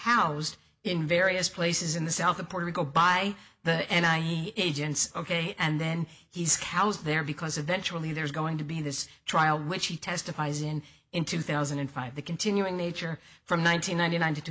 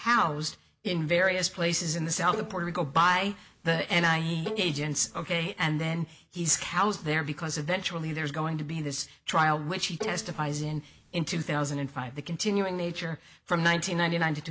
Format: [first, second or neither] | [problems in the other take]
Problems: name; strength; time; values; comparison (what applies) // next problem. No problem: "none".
first | background sound (Bowed string instrument); 12 dB below the speech